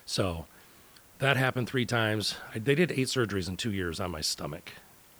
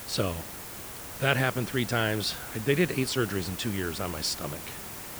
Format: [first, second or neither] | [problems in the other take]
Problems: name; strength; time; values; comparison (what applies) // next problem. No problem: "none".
first | hiss; loud; throughout; 9 dB below the speech; faint in the first